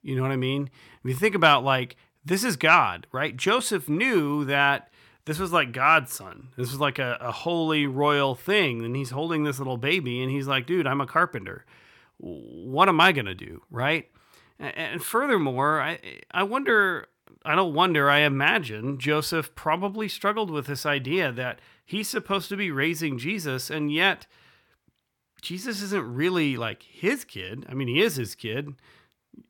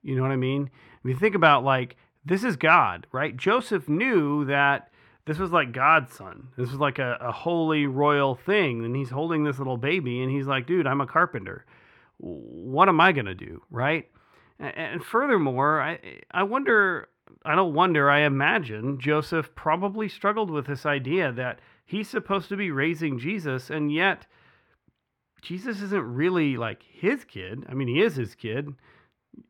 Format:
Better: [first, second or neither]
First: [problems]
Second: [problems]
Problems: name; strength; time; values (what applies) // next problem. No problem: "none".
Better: first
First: none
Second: muffled; slightly; fading above 3.5 kHz